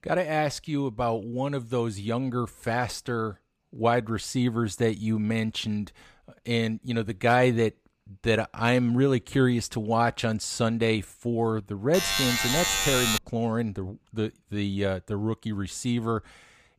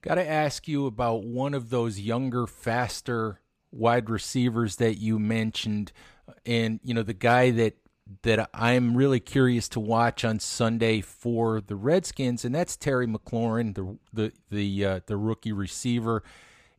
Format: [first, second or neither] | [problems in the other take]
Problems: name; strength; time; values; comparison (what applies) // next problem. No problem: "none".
second | alarm; loud; from 12 to 13 s; peak 4 dB above the speech